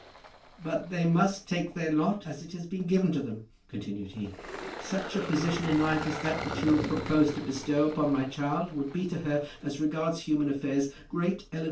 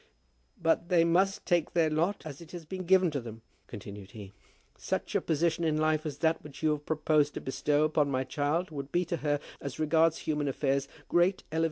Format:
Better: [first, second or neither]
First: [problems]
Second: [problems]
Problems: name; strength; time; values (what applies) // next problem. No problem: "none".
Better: second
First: background sound (Engine); 12 dB below the speech // room echo; dies away in 0.2 s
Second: none